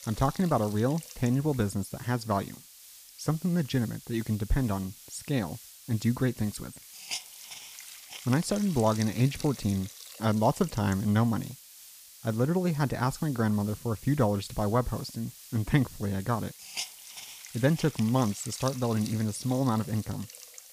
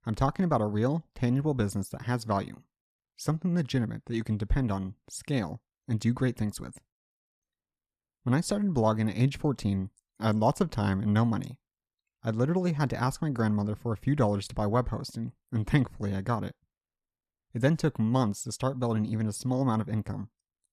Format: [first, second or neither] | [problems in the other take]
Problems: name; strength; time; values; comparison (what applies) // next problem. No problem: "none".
second | hiss; noticeable; throughout; 15 dB below the speech